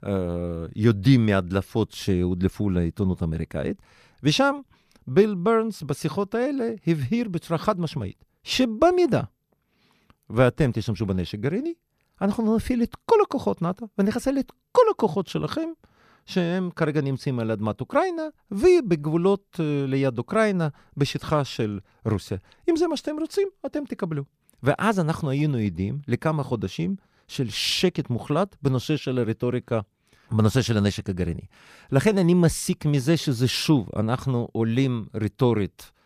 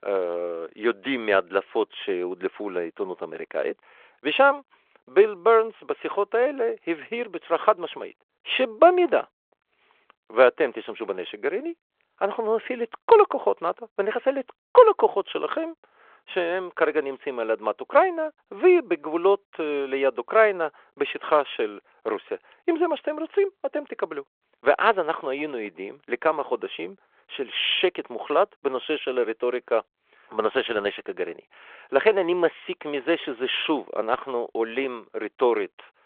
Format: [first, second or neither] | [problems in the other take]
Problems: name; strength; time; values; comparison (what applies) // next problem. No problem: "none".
first | phone-call audio; nothing above 3.5 kHz